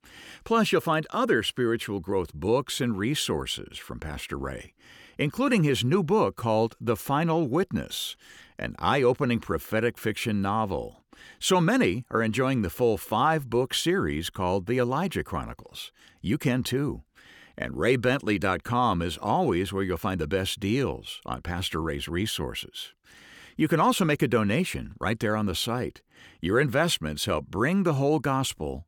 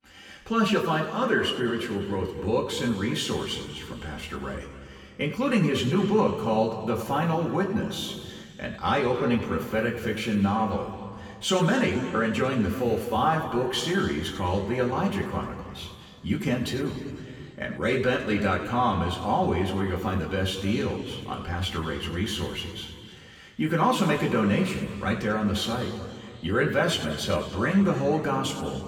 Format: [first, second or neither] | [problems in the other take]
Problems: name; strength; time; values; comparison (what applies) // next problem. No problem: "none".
first | room echo; noticeable; dies away in 2.2 s // off-mic speech; far